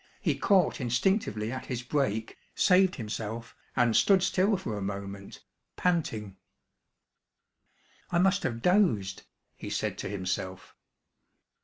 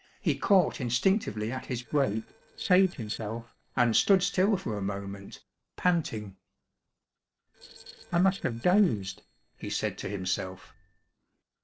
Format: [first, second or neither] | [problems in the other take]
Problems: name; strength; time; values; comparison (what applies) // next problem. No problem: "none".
first | noise reduction (neural separator model SepFormer DNS4)